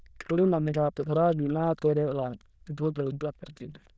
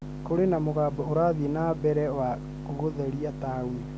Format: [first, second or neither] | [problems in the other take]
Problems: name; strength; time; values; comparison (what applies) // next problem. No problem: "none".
second | noise reduction (neural diffusion model UNIVERSE++)